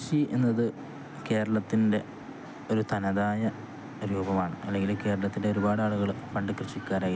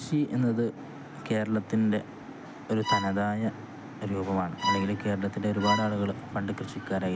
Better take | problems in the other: first | background sound (Bowed string instrument); 3 dB below the speech

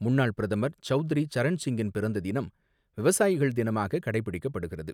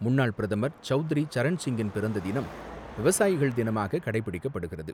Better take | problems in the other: first | background sound (Car passing by / Traffic noise, roadway noise / Engine); 18 dB below the speech

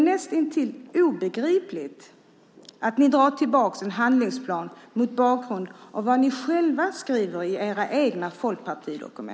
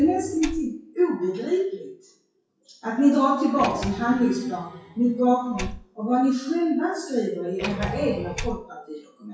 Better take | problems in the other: first | noise reduction (classical method WPE with log-MMSE)

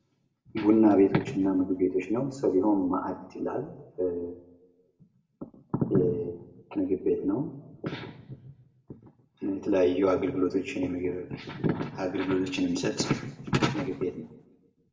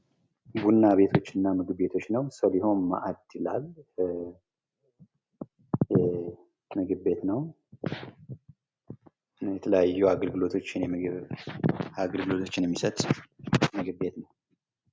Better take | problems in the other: second | room echo; dies away in 0.6 s

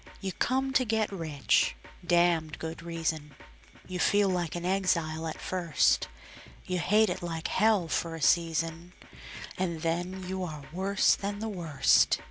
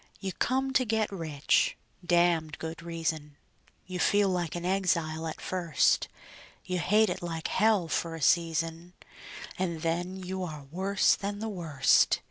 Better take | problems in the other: second | background sound (Drum kit); 20 dB below the speech

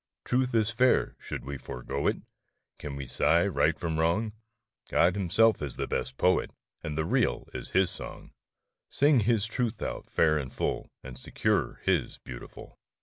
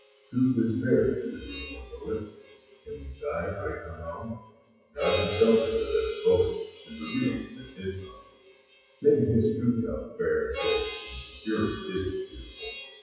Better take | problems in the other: first | noise reduction (classical method WPE with log-MMSE)

